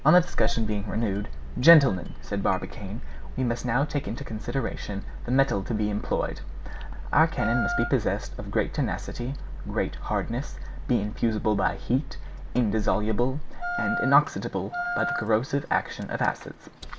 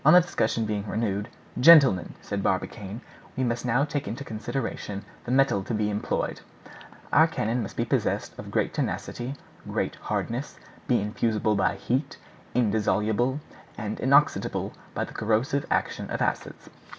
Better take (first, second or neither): second